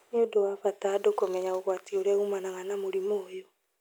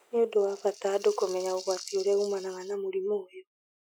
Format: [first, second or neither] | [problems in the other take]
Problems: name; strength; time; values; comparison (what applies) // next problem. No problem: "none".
first | noise reduction (classical method Wiener filter)